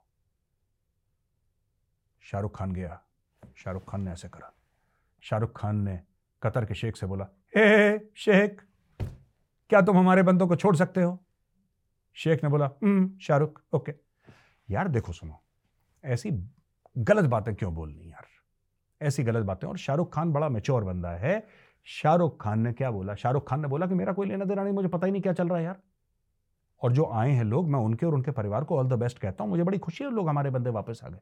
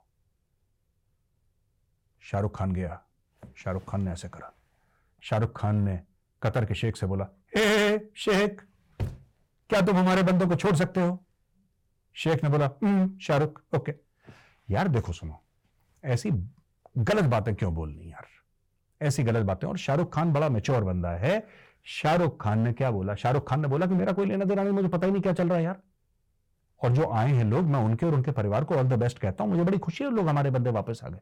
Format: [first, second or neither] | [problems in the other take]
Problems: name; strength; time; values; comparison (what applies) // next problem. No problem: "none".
first | distortion; heavy; 10% of the sound clipped